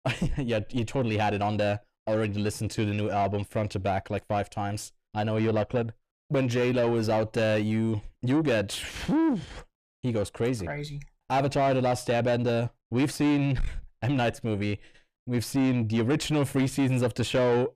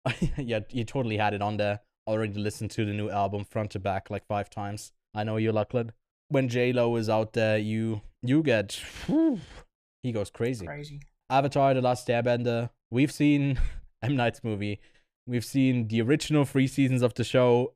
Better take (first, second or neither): second